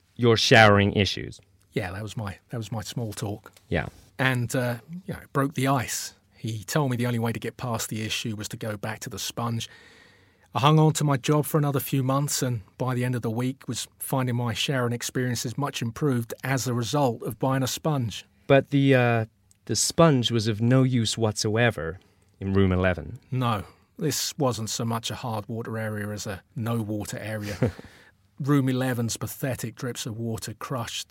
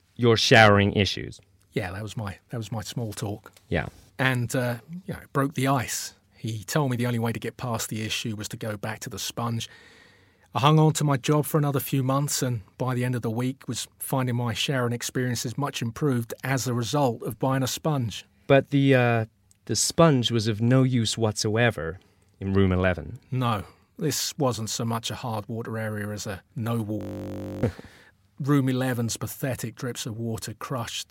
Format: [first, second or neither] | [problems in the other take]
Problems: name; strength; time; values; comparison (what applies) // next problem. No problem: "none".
first | audio freezing; at 27 s for 0.5 s